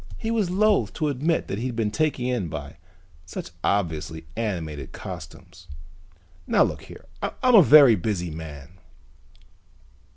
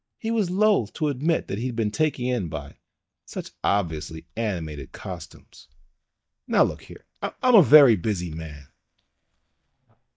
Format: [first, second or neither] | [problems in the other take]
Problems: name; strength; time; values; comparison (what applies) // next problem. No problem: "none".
first | noise reduction (neural mask model DeepFilterNet 3)